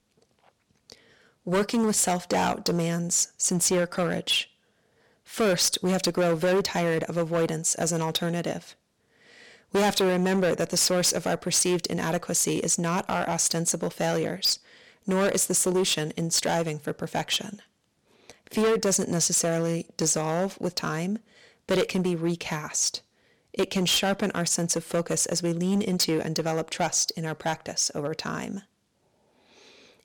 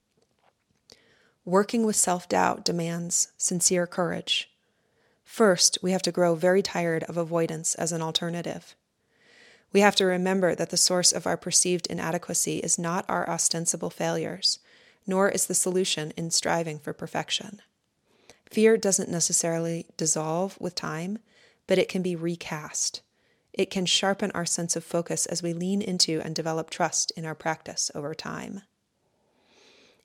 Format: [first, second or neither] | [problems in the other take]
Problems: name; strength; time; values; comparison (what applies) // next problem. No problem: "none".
second | distortion; heavy; 9% of the sound clipped